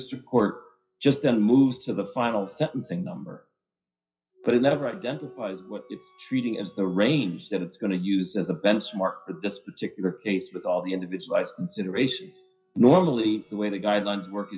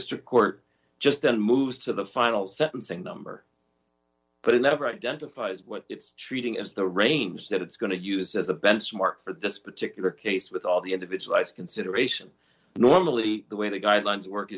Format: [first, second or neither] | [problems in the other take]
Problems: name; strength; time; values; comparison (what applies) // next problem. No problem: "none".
second | noise reduction (classical method WPE with log-MMSE)